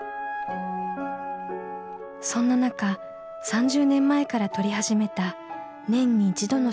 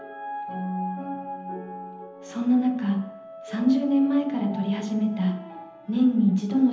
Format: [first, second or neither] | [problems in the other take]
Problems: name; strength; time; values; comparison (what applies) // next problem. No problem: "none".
first | room echo; dies away in 0.9 s